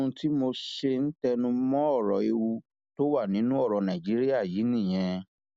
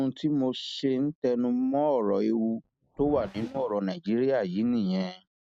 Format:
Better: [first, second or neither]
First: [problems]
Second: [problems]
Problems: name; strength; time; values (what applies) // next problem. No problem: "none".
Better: first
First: none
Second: noise reduction (neural mask model RNNoise)